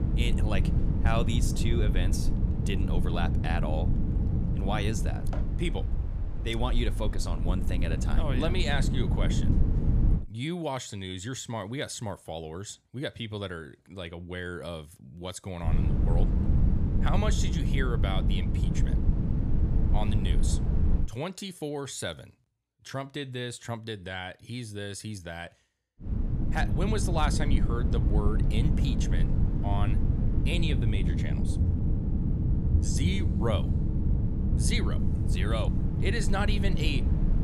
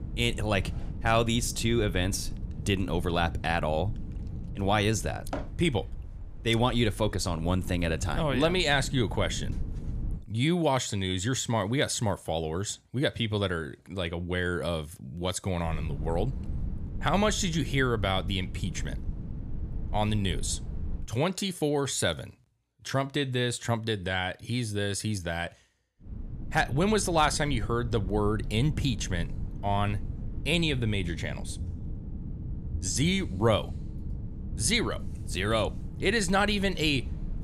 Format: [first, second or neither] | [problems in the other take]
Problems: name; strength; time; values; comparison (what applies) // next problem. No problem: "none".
second | low rumble; loud; until 10 s, from 16 to 21 s and from 26 s on; 4 dB below the speech; faint in the second